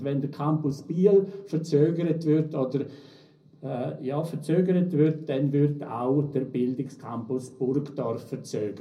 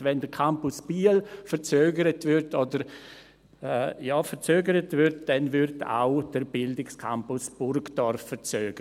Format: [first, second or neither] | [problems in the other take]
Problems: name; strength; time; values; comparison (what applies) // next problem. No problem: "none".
second | room echo; dies away in 0.4 s